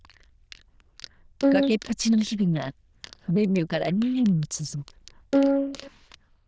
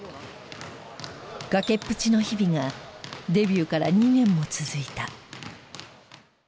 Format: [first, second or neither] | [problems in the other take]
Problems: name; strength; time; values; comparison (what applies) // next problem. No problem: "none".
second | noise reduction (neural diffusion model UNIVERSE++)